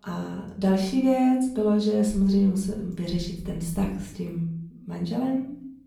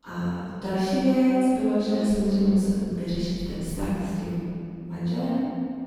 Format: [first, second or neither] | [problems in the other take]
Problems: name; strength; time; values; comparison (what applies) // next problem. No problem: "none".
first | room echo; strong; dies away in 2.3 s; slight in the first // off-mic speech; far; far in the first